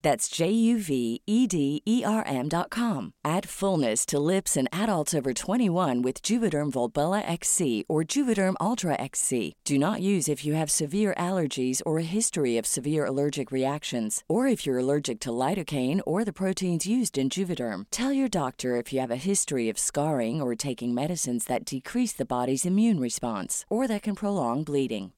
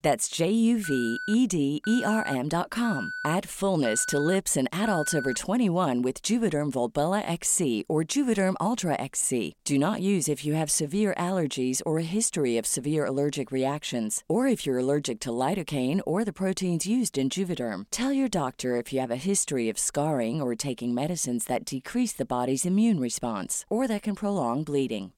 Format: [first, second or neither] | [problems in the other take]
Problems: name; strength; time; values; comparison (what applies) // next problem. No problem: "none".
first | alarm; noticeable; from 1 to 5.5 s; peak 6 dB below the speech